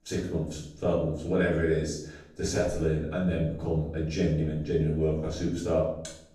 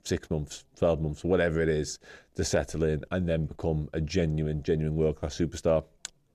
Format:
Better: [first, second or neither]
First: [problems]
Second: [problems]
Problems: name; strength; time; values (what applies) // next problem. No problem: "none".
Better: second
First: room echo; noticeable; dies away in 0.6 s // off-mic speech; far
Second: none